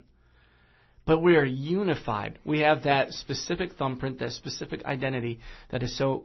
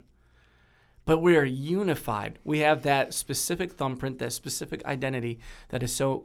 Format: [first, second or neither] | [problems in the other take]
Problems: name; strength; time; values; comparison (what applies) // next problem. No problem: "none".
second | garbled, watery; slightly; nothing above 6 kHz